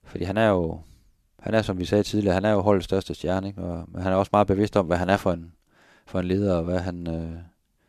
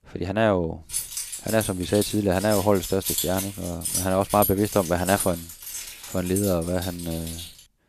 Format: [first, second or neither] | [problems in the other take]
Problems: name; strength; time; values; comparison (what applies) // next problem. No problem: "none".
first | jangling keys; noticeable; from 1 s on; peak level with the speech